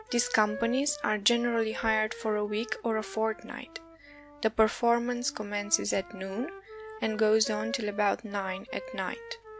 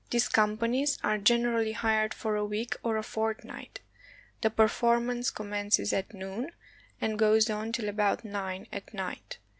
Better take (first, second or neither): second